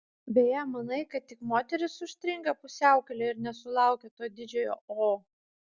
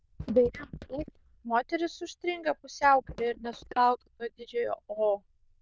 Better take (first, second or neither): first